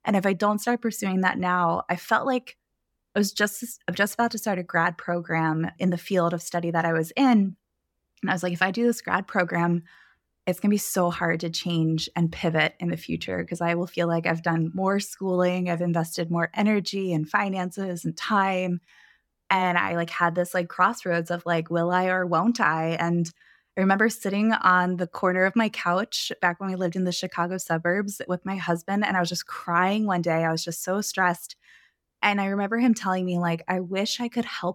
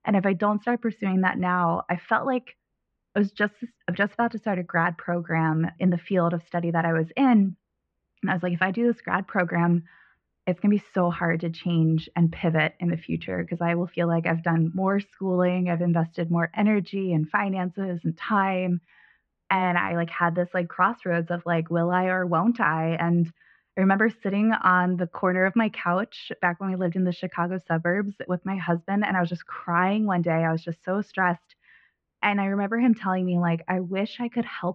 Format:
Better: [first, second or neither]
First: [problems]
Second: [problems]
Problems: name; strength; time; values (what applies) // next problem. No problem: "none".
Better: first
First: none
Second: muffled; very; fading above 3 kHz